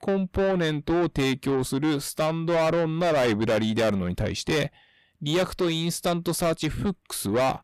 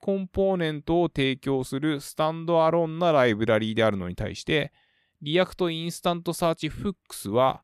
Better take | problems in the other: second | distortion; heavy; 7 dB below the speech

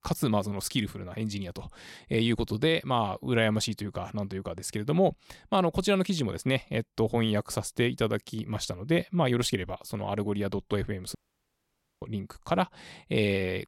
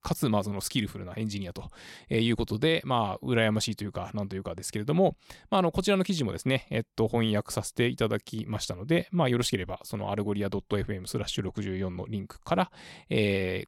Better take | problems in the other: second | audio cutting out; at 11 s for 1 s

